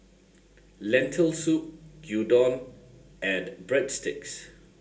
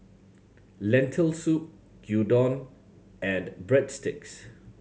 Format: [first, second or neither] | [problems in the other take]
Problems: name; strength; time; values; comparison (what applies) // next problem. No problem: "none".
second | room echo; dies away in 0.2 s